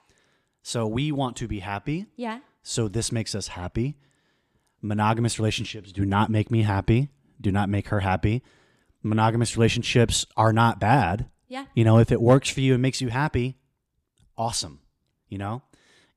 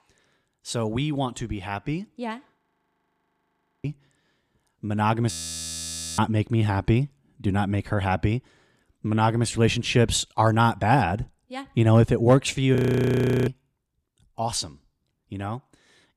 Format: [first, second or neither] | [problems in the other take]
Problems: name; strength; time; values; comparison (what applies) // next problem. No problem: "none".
first | audio freezing; at 2.5 s for 1.5 s, at 5.5 s for 1 s and at 13 s for 0.5 s